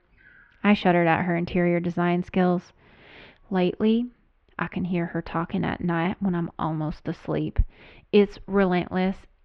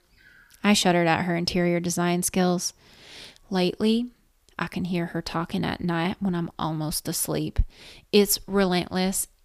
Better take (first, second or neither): second